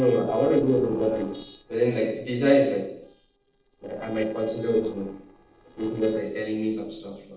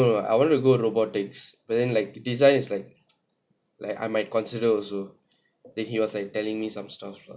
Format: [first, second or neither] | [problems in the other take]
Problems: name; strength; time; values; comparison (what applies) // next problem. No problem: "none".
second | noise reduction (neural separator model SepFormer DNS4)